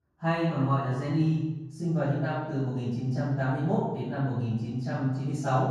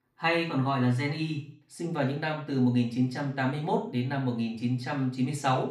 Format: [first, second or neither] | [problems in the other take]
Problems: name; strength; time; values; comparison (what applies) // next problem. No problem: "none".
second | room echo; strong; dies away in 1.3 s; slight in the second // off-mic speech; far; far in the second